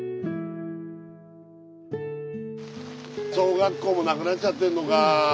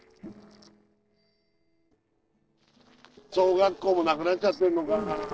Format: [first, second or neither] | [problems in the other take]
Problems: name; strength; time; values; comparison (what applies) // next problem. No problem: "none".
first | noise reduction (neural separator model SepFormer DNS4)